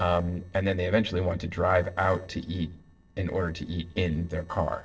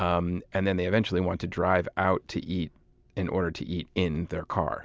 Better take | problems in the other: second | noise reduction (neural separator model SepFormer DNS4)

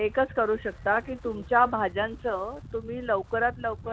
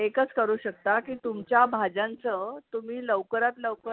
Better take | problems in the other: second | background sound (Wind); 17 dB below the speech

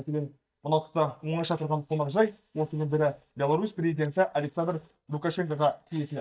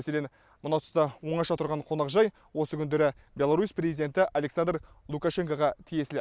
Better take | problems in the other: second | noise reduction (neural mask model DeepFilterNet 3)

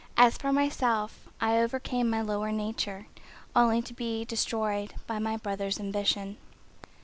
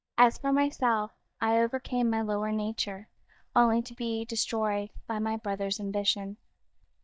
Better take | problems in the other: first | noise reduction (neural mask model DeepFilterNet 3)

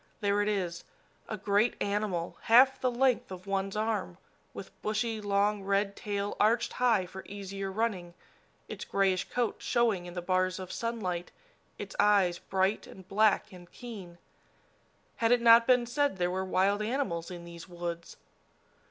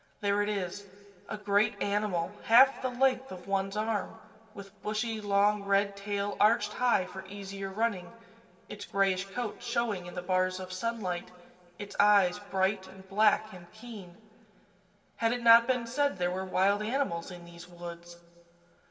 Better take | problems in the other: first | room echo; dies away in 2.6 s

